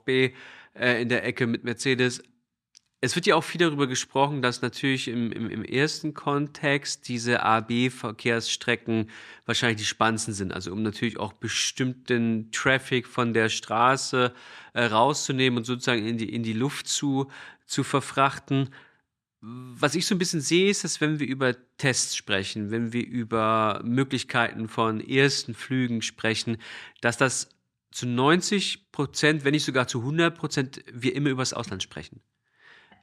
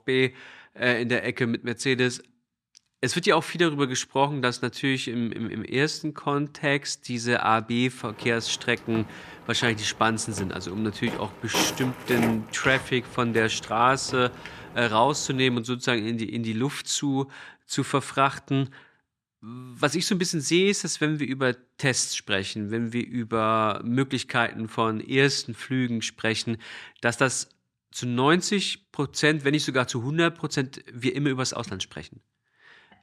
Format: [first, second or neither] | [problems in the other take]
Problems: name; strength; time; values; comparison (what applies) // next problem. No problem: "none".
first | footsteps; noticeable; from 8 to 15 s; peak 3 dB below the speech